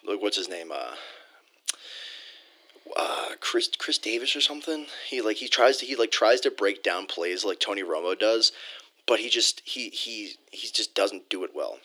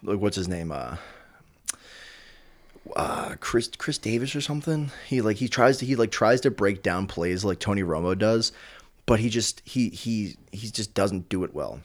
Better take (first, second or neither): second